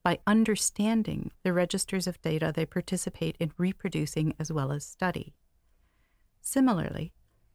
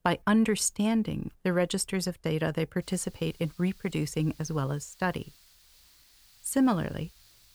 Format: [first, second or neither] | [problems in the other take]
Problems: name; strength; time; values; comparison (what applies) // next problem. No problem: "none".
first | hiss; faint; from 3 s on; 25 dB below the speech